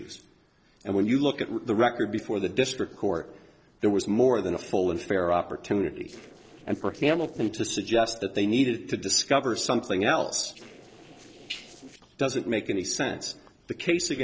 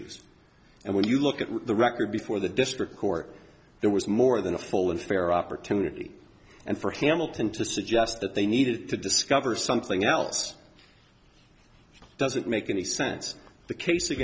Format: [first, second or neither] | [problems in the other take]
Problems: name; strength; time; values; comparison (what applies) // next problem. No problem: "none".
second | noise reduction (neural separator model SepFormer DNS4)